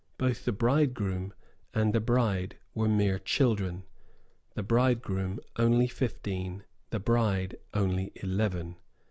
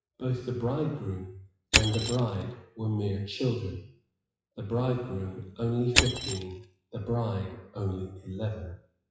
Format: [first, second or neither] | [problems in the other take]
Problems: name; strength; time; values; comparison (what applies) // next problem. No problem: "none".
first | noise reduction (classical method WPE with log-MMSE)